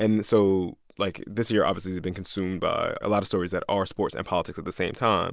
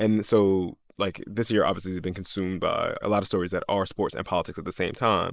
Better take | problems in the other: first | noise reduction (neural mask model Resemble Enhance denoiser)

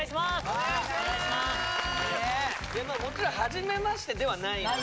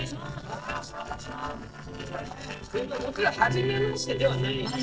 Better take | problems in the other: first | noise reduction (neural separator model SepFormer DNS4)

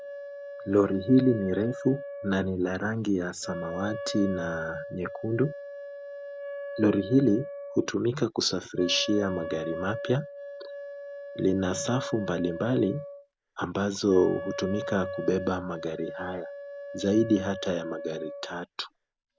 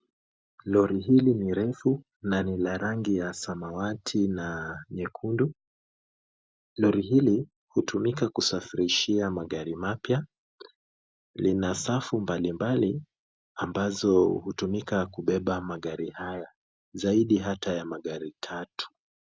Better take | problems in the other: second | background sound (Wind instrument, woodwind instrument); 10 dB below the speech

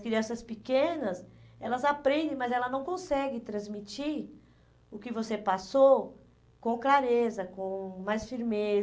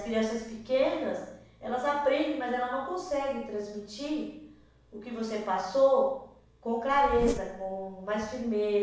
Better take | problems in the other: first | background sound (Zipper (clothing)); 9 dB below the speech // room echo; dies away in 0.7 s

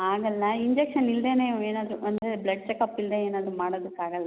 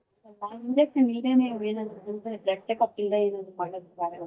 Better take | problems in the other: first | noise reduction (neural mask model DeepFilterNet 3)

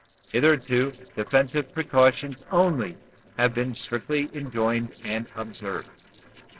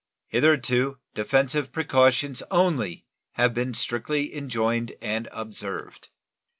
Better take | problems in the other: second | noise reduction (neural separator model SepFormer DNS4)

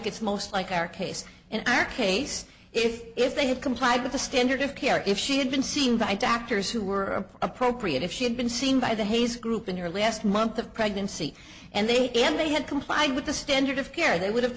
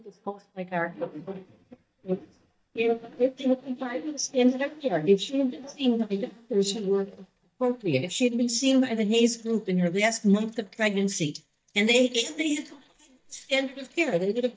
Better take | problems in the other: first | noise reduction (neural mask model DeepFilterNet 3)

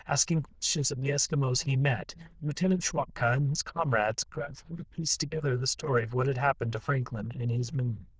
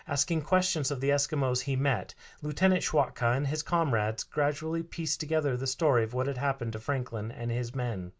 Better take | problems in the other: second | noise reduction (neural diffusion model UNIVERSE++)

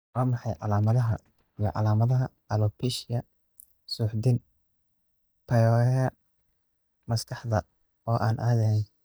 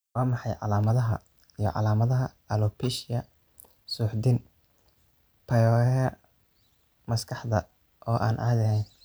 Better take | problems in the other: second | noise reduction (neural mask model DeepFilterNet 3)

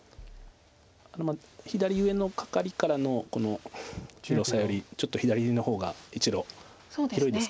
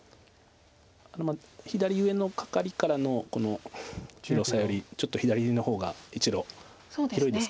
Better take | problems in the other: second | background sound (Bass drum); 17 dB below the speech

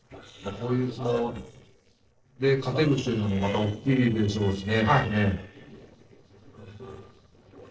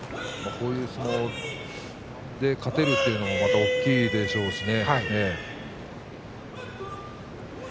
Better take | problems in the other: second | noise reduction (neural separator model SepFormer DNS4)

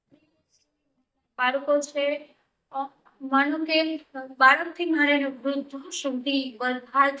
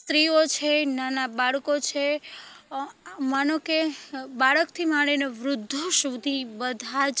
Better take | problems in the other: second | noise reduction (neural mask model DeepFilterNet 3)

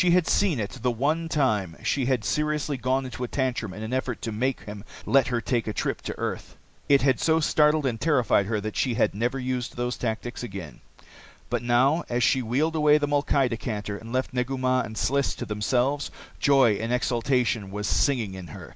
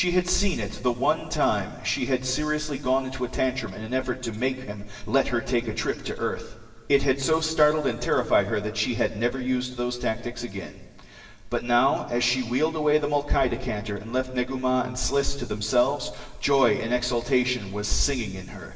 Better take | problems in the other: first | room echo; dies away in 2.9 s

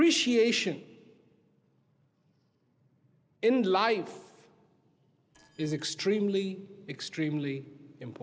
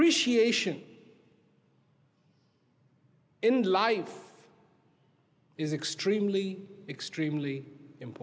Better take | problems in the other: second | noise reduction (neural separator model SepFormer DNS4)

